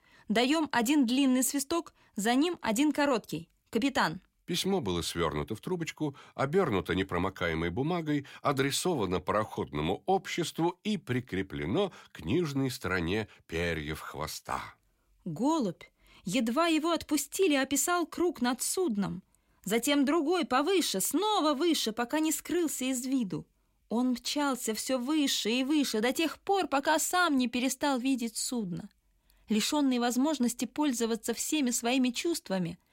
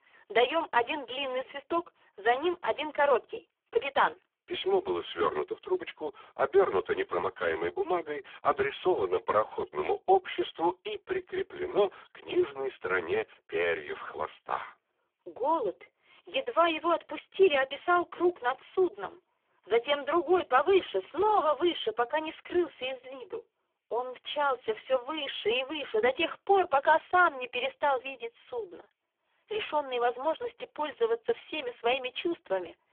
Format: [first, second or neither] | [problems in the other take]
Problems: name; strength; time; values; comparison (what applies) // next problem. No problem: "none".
first | phone-call audio; poor line; nothing above 3.5 kHz